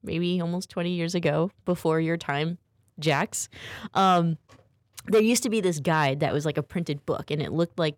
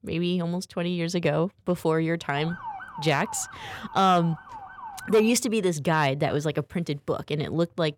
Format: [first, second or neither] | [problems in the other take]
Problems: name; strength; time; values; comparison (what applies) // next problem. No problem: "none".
first | siren; faint; from 2.5 to 5.5 s; peak 10 dB below the speech